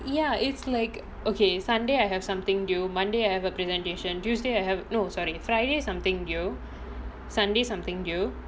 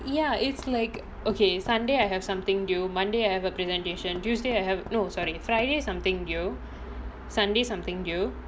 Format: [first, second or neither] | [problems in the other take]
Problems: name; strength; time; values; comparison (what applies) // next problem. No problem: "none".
first | background sound (Knock / Wood); 19 dB below the speech